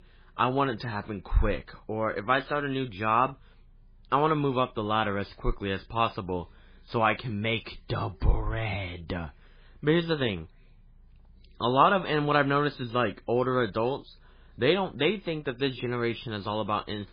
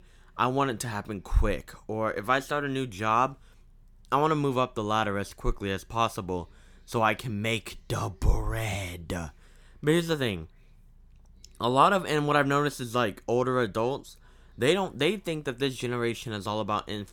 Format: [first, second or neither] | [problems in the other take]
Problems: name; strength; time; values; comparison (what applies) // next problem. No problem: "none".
second | garbled, watery; badly